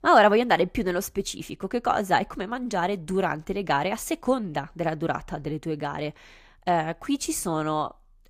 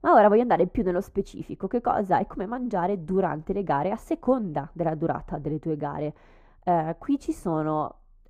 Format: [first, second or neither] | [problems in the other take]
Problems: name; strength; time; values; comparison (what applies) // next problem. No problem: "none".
first | muffled; very; fading above 1.5 kHz